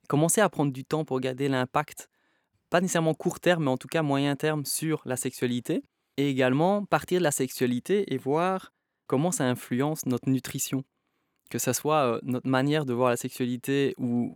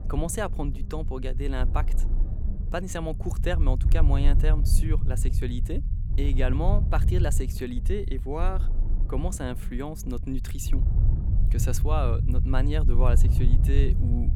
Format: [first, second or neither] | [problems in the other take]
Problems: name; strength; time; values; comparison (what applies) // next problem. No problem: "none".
first | low rumble; loud; throughout; 9 dB below the speech